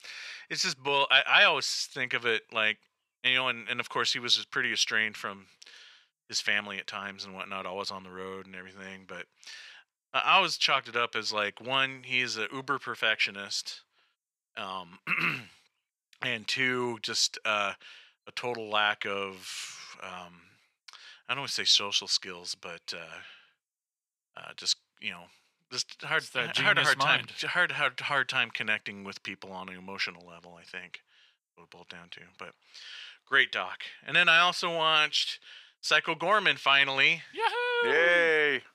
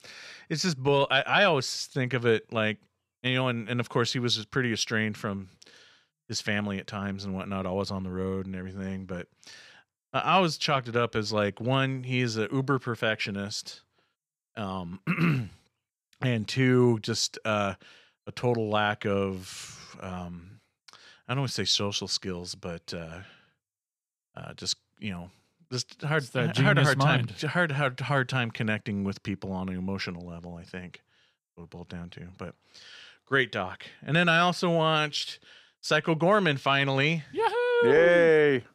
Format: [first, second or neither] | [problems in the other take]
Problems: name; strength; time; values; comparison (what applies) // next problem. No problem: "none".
second | thin; somewhat; fading below 1 kHz